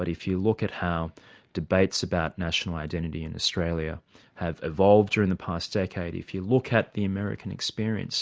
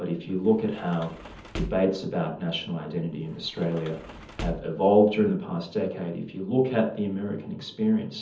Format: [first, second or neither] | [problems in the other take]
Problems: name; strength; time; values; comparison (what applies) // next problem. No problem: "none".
first | background sound (Sliding door / Slam); 15 dB below the speech // room echo; dies away in 0.7 s